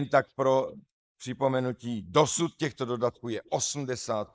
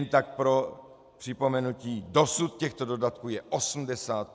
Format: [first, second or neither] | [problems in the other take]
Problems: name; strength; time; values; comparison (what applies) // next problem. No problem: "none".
second | noise reduction (neural mask model Resemble Enhance denoiser)